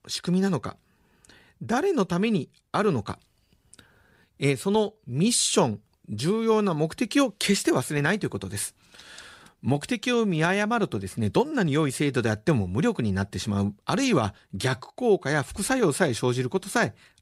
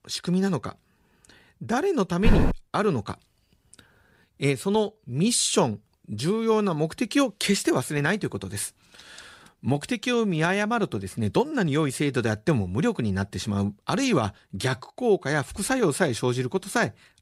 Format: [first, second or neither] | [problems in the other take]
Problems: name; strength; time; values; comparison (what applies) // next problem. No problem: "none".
first | footsteps; loud; at 2 s; peak 2 dB above the speech